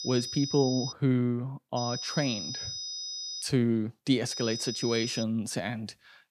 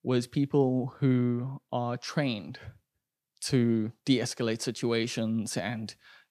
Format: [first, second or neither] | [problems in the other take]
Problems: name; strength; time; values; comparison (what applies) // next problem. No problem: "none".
second | high-pitched whine; loud; at the start, from 2 to 3.5 s and at 4.5 s; 5 kHz, 5 dB below the speech